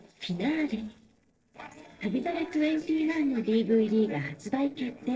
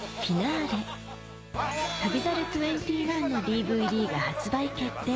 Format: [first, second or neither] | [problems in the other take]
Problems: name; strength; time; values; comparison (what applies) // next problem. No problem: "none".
second | noise reduction (neural separator model SepFormer DNS4)